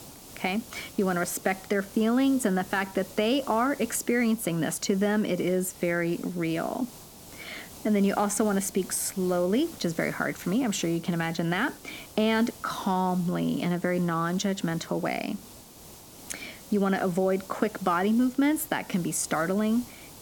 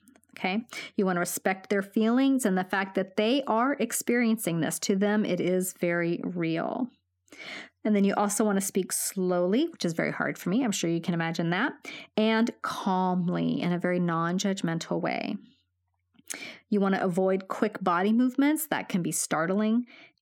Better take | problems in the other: second | hiss; noticeable; throughout; 20 dB below the speech

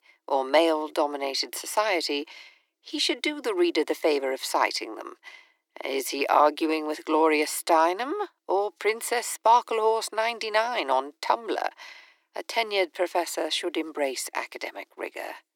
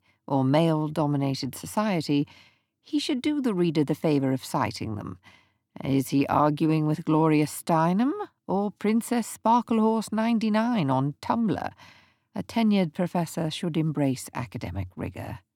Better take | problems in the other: second | thin; very; fading below 350 Hz

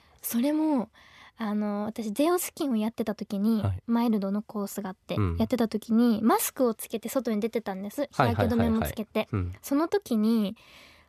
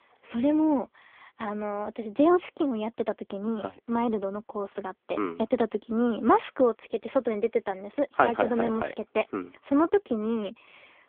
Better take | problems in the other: first | phone-call audio; poor line

